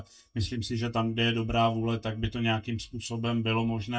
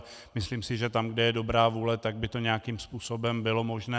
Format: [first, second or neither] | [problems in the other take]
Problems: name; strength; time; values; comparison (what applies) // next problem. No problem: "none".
second | noise reduction (neural mask model DeepFilterNet 3)